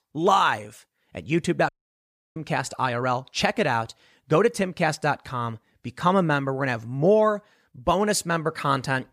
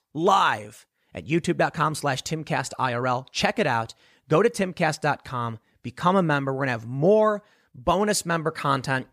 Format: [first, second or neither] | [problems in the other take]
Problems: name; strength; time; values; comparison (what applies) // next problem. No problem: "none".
second | audio cutting out; at 1.5 s for 0.5 s